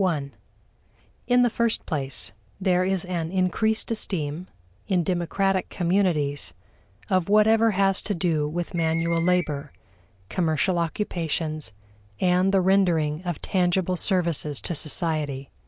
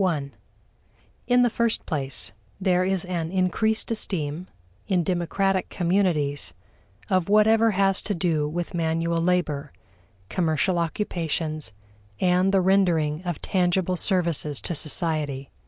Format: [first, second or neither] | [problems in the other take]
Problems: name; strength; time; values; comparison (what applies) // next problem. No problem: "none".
second | background sound (Screech); 15 dB below the speech